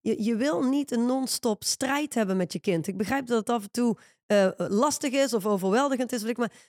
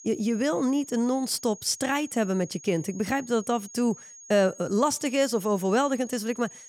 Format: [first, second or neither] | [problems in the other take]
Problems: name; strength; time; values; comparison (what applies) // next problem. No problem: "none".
first | high-pitched whine; noticeable; throughout; 6.5 kHz, 20 dB below the speech